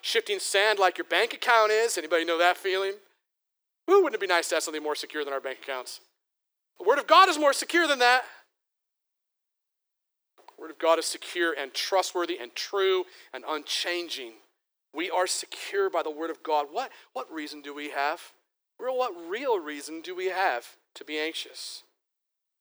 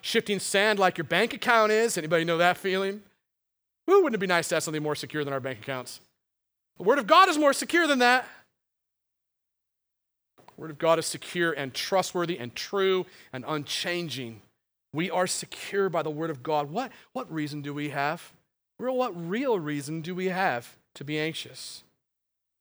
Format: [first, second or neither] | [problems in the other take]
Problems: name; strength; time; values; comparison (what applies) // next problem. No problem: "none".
second | thin; somewhat; fading below 350 Hz